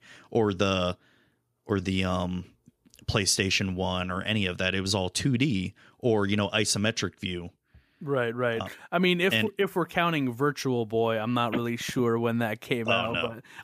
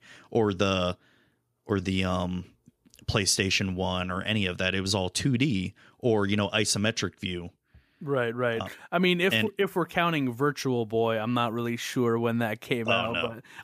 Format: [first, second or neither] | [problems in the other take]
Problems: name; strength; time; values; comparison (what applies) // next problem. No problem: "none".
second | phone ringing; noticeable; from 12 s on; peak 8 dB below the speech